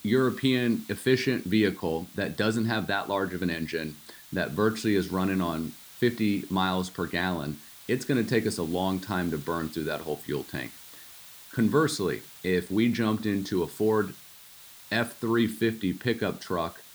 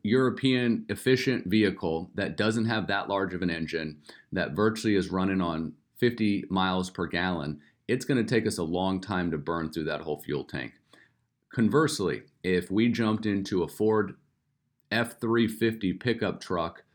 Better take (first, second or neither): second